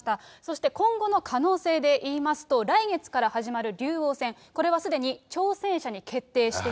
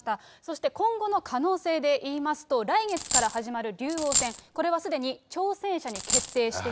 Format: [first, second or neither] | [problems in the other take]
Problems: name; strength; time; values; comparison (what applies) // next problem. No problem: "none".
first | background sound (Coin (dropping)); as loud as the speech